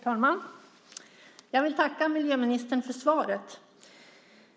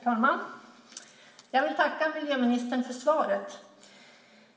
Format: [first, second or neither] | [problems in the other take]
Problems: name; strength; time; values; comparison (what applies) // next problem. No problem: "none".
first | room echo; dies away in 1.5 s